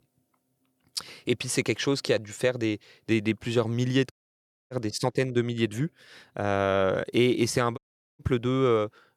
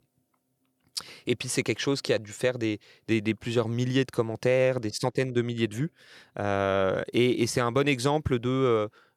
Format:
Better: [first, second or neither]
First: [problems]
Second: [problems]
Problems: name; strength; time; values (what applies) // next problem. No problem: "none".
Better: second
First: audio cutting out; at 4 s for 0.5 s and at 8 s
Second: none